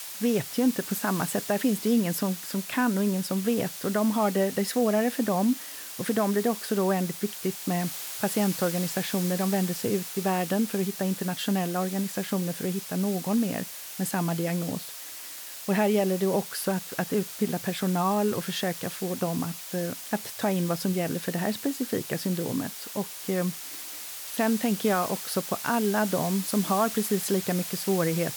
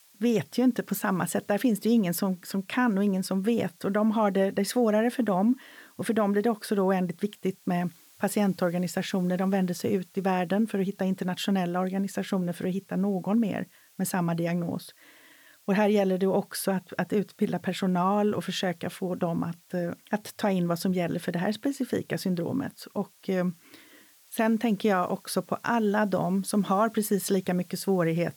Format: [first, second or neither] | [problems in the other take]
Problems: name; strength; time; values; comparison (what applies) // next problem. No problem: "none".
second | hiss; loud; throughout; 8 dB below the speech; faint in the second